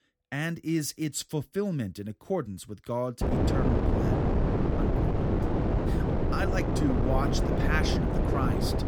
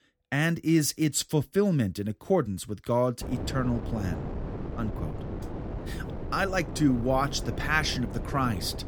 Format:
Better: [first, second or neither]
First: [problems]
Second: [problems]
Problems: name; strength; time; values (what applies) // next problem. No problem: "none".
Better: second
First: wind noise on the microphone; heavy; from 3 s on; 2 dB above the speech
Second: wind noise on the microphone; occasional gusts; from 3 s on; 10 dB below the speech